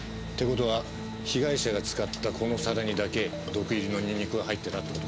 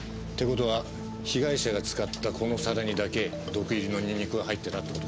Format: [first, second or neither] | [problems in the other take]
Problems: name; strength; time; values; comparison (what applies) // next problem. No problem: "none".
second | background sound (Sawing / Engine); 19 dB below the speech